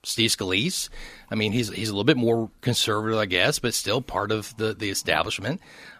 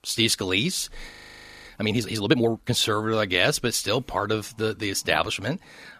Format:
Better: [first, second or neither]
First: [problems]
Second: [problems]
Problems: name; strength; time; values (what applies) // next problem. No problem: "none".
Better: first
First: none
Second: audio freezing; at 1 s for 0.5 s